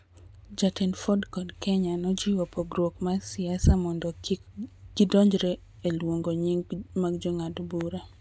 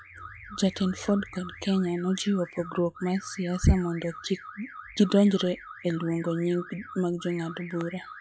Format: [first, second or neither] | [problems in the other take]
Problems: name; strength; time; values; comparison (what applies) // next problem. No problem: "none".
first | noise reduction (classical method log-MMSE)